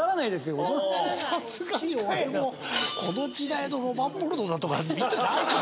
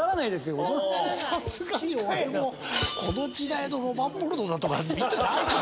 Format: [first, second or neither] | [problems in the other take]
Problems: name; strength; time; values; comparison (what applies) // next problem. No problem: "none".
first | background sound (Whoosh, swoosh, swish); 15 dB below the speech